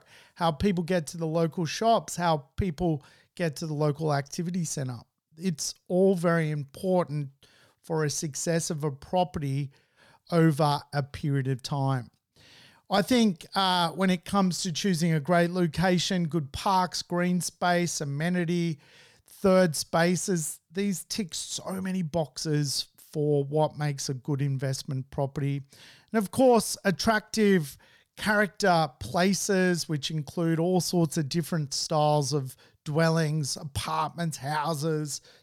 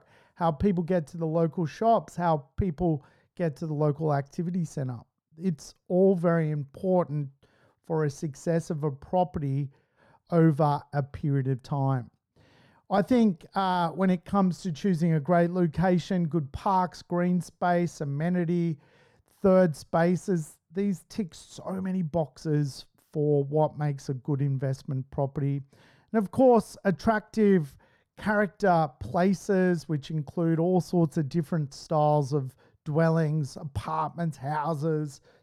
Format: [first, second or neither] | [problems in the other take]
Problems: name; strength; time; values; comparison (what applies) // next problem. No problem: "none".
first | muffled; slightly; fading above 2 kHz